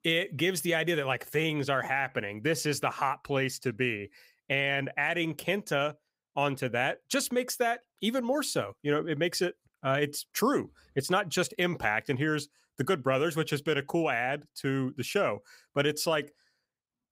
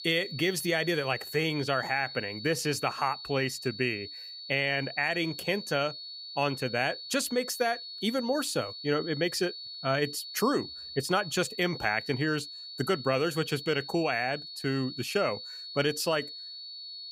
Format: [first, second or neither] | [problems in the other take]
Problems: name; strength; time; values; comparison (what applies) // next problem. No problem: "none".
first | high-pitched whine; loud; throughout; 4.5 kHz, 10 dB below the speech